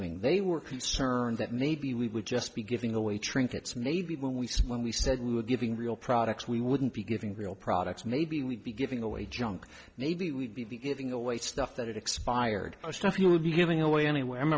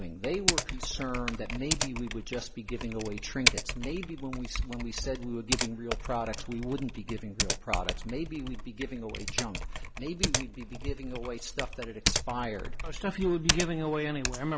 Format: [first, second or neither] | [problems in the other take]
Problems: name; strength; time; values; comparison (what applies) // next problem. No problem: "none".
first | background sound (Typing); 1 dB above the speech